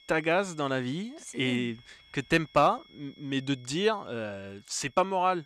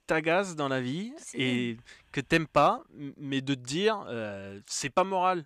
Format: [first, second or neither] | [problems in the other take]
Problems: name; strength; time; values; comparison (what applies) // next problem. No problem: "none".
second | high-pitched whine; faint; throughout; 3.5 kHz, 25 dB below the speech